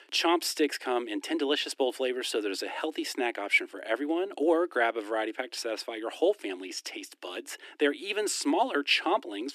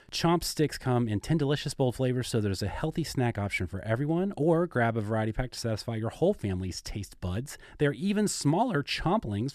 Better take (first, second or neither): second